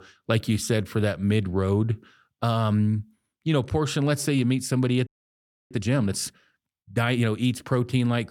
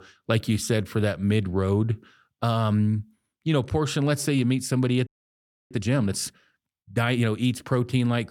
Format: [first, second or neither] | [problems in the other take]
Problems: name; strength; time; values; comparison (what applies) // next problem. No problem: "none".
neither | audio freezing; at 5 s for 0.5 s; the same in both